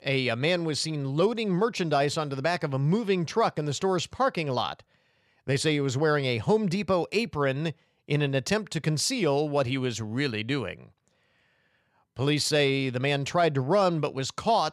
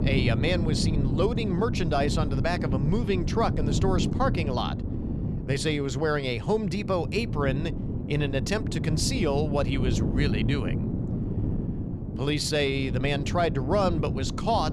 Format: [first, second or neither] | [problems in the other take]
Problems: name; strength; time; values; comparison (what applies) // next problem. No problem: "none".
first | wind noise on the microphone; heavy; 9 dB below the speech